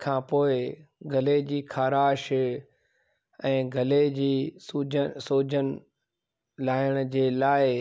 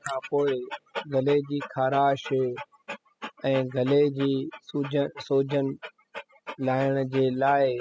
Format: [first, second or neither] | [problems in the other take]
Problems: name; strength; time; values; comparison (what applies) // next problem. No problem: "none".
first | noise reduction (classical method spectral subtraction)